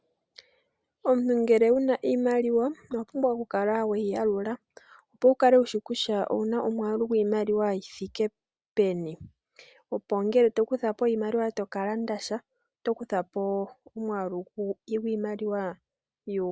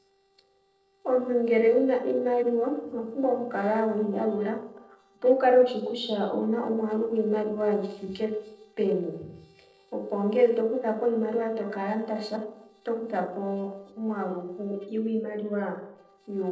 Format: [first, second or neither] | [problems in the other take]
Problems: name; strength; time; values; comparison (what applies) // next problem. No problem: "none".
first | noise reduction (neural separator model SepFormer DNS4)